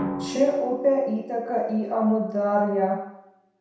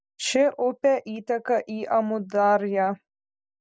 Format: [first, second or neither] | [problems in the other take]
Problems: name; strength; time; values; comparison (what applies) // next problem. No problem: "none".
second | background sound (Drum); 12 dB below the speech // room echo; dies away in 0.7 s